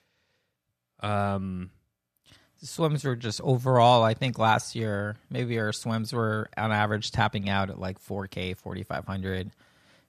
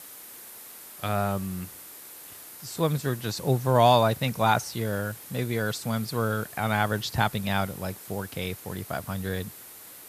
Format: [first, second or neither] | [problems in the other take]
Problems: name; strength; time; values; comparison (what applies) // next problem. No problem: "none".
first | hiss; noticeable; throughout; 15 dB below the speech